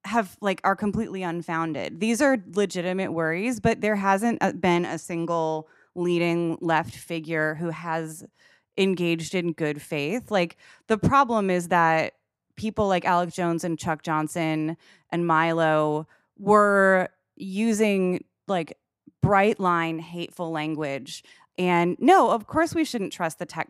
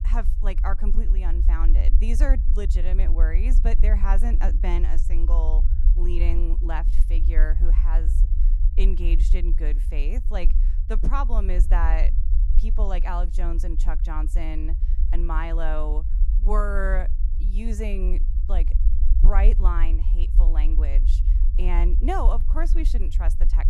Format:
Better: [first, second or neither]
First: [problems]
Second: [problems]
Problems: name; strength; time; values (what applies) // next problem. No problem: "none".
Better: first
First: none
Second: low rumble; noticeable; throughout; 10 dB below the speech